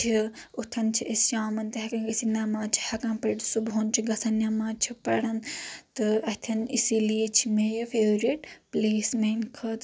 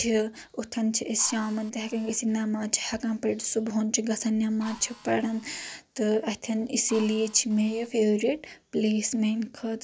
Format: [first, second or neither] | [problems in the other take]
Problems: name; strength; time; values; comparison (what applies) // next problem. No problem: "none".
first | background sound (Drill); 20 dB below the speech